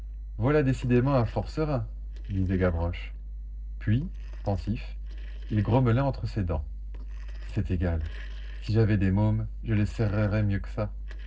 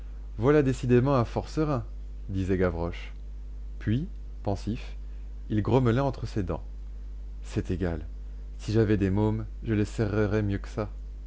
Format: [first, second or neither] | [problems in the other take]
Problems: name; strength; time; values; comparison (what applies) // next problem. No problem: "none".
second | noise reduction (neural separator model SepFormer DNS4)